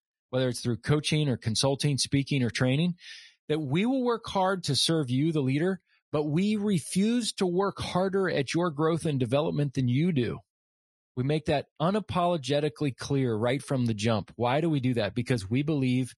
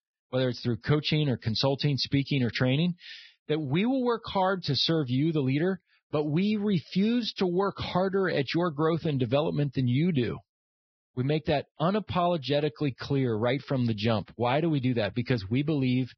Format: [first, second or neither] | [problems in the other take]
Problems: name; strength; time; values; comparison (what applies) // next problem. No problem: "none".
first | garbled, watery; badly; nothing above 5.5 kHz; slightly in the first